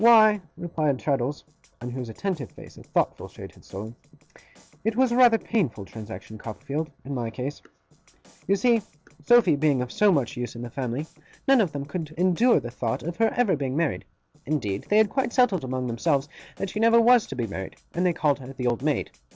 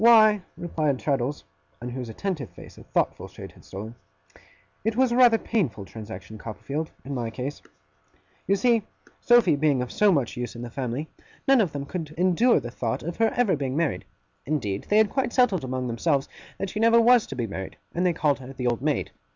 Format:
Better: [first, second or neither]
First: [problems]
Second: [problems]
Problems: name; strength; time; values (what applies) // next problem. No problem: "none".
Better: second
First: noise reduction (neural separator model SepFormer DNS4)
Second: none